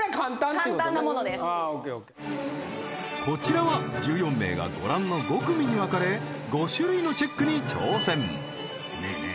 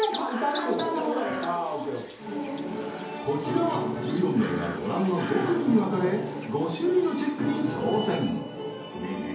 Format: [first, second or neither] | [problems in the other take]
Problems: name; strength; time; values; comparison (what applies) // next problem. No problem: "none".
first | background sound (Chirp, tweet); 16 dB below the speech // room echo; dies away in 2.2 s